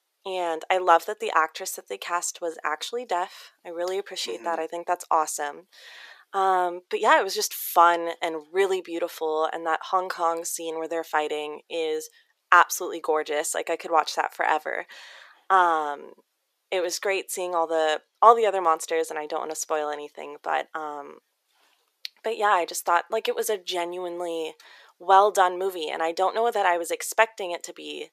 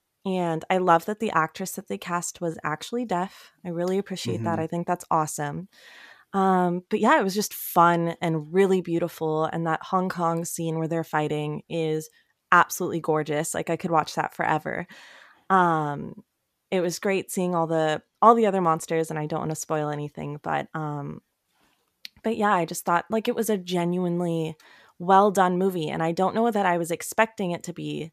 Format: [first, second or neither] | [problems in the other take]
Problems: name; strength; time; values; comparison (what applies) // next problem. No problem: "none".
second | thin; very; fading below 400 Hz